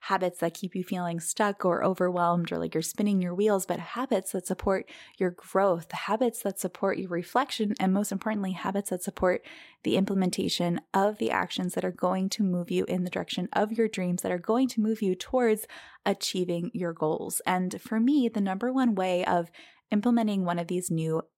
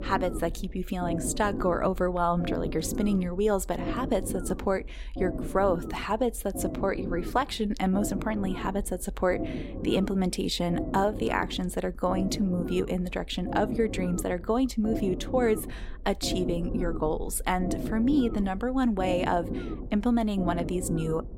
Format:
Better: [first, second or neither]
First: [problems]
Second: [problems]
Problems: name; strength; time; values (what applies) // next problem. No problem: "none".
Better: first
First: none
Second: low rumble; loud; throughout; 10 dB below the speech